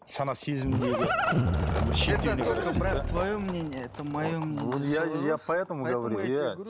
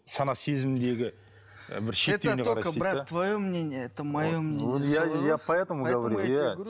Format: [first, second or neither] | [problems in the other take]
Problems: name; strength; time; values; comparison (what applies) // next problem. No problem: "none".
second | background sound (Livestock, farm animals, working animals); 2 dB below the speech